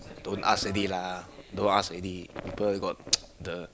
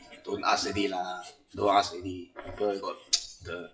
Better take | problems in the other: first | noise reduction (classical method WPE with log-MMSE)

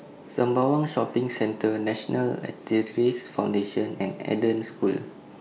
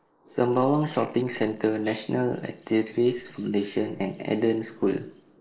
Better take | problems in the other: first | noise reduction (neural mask model Resemble Enhance denoiser)

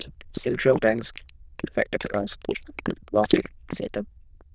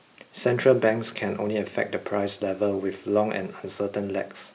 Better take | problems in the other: second | noise reduction (neural diffusion model UNIVERSE++)

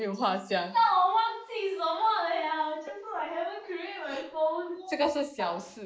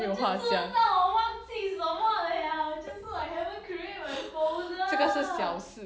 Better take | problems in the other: second | noise reduction (neural mask model Resemble Enhance denoiser)

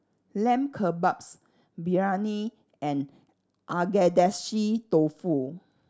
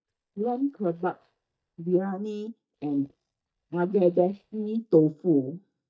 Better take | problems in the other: first | noise reduction (neural mask model DeepFilterNet 3)

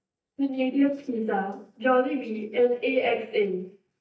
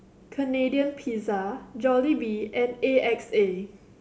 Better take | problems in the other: second | noise reduction (neural mask model DeepFilterNet 3)

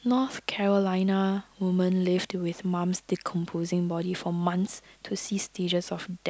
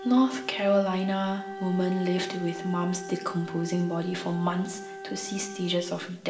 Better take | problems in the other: first | background sound (Wind instrument, woodwind instrument); 12 dB below the speech // room echo; dies away in 0.7 s

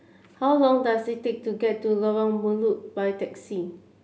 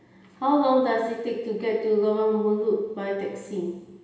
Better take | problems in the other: first | room echo; dies away in 1 s

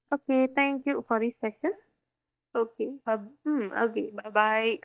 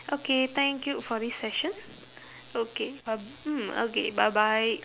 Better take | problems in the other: second | noise reduction (neural mask model DeepFilterNet 3)

